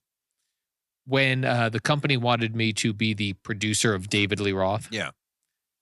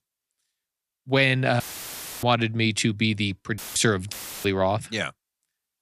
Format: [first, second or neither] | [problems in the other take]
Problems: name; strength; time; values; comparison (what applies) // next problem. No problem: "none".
first | audio cutting out; filled with static; at 1.5 s for 0.5 s, at 3.5 s and at 4 s